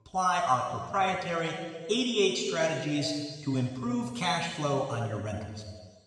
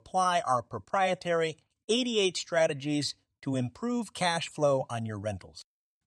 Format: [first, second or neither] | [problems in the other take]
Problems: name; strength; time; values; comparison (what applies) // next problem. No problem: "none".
second | room echo; noticeable; dies away in 1.5 s // off-mic speech; far